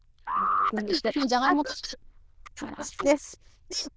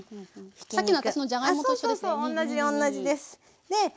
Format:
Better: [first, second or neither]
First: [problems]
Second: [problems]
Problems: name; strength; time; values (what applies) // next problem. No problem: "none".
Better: second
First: noise reduction (neural diffusion model UNIVERSE++)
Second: none